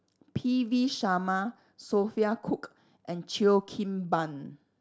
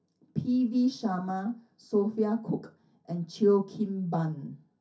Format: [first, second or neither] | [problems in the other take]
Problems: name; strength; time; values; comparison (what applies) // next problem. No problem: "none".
first | room echo; dies away in 0.3 s